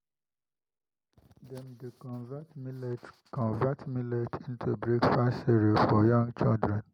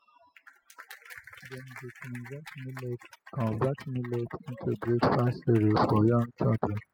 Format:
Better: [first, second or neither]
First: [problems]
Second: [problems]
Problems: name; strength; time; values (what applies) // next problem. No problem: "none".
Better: first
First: none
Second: noise reduction (classical method spectral subtraction)